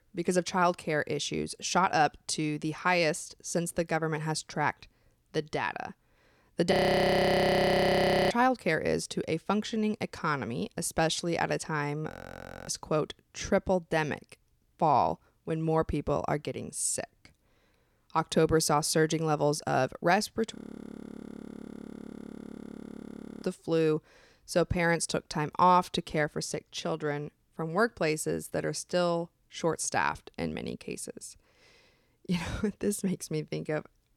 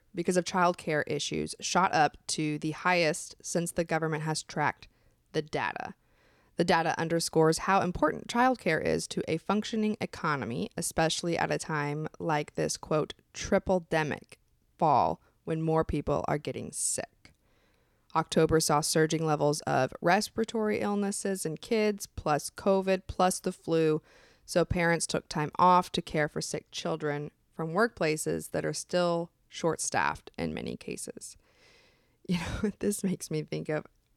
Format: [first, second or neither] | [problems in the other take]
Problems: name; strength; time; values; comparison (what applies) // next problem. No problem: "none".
second | audio freezing; at 6.5 s for 1.5 s, at 12 s for 0.5 s and at 21 s for 3 s